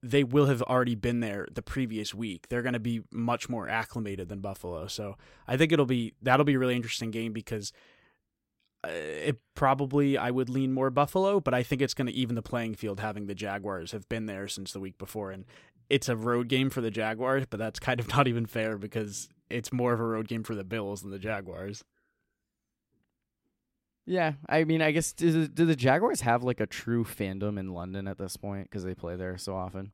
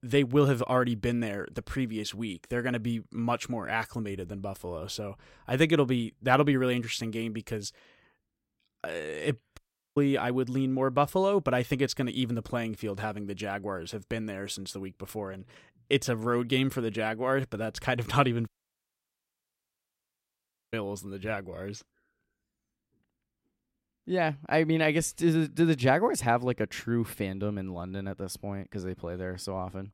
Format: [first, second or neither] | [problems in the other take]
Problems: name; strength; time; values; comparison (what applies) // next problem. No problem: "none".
first | audio cutting out; at 9.5 s and at 18 s for 2 s